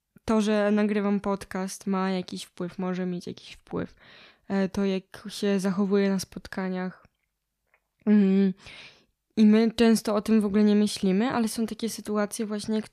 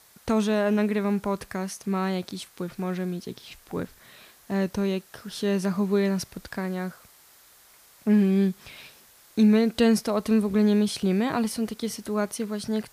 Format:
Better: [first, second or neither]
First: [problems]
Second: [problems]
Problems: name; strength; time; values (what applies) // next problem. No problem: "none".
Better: first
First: none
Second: hiss; faint; throughout; 25 dB below the speech